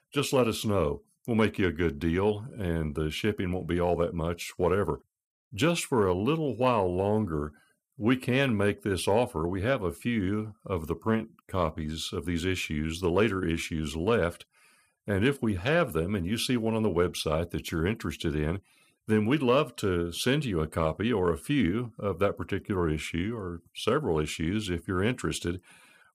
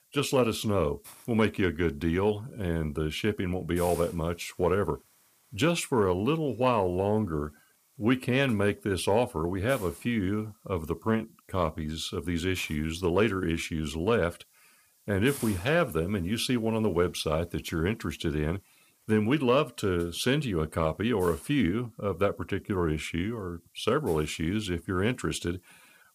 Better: first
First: none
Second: hiss; faint; throughout; 20 dB below the speech

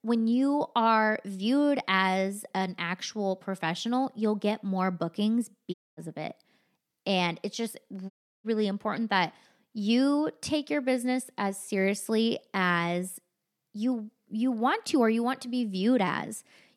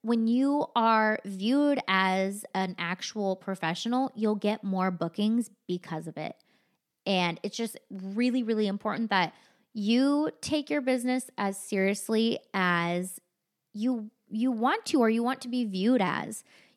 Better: second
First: audio cutting out; at 5.5 s and at 8 s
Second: none

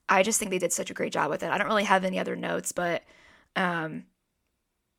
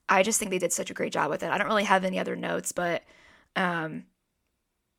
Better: neither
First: none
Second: none

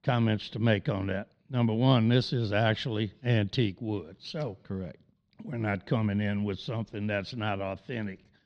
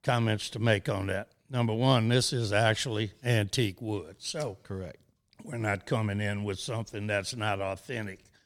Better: second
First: muffled; very slightly; fading above 4 kHz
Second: none

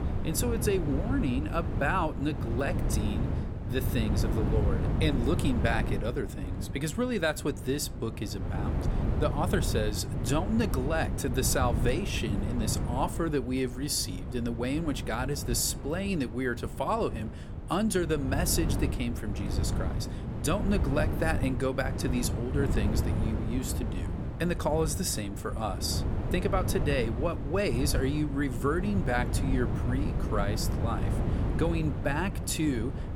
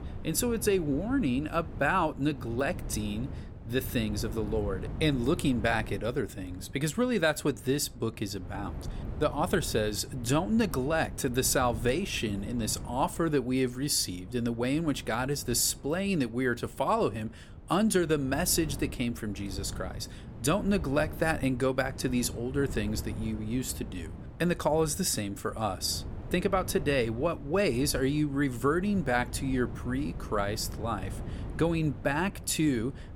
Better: second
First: wind noise on the microphone; heavy; 8 dB below the speech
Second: wind noise on the microphone; occasional gusts; 20 dB below the speech

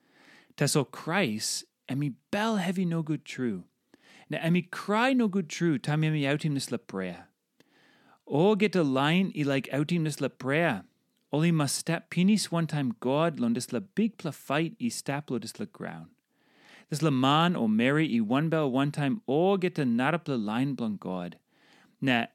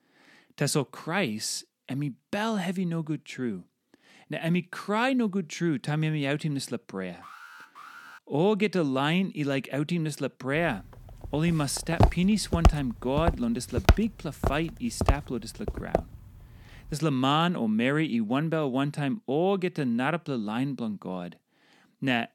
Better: first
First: none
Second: alarm; faint; at 7 s; peak 15 dB below the speech // footsteps; loud; from 12 to 16 s; peak 4 dB above the speech

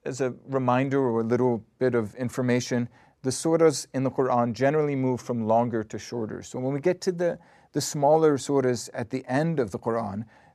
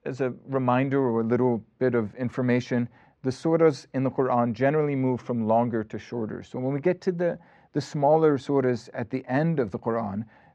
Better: first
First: none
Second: muffled; slightly; fading above 3 kHz

